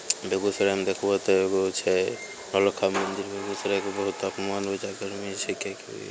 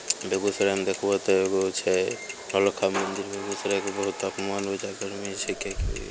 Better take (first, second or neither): first